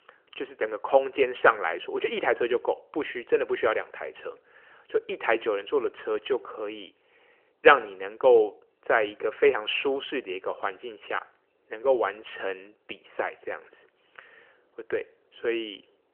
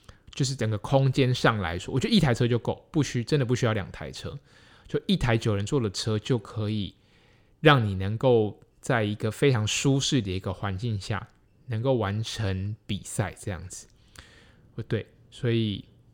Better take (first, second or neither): second